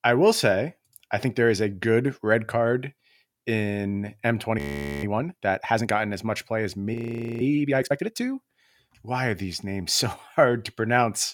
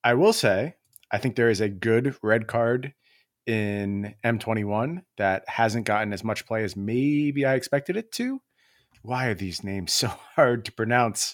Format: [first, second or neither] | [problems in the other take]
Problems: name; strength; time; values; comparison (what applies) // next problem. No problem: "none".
second | audio freezing; at 4.5 s and at 7 s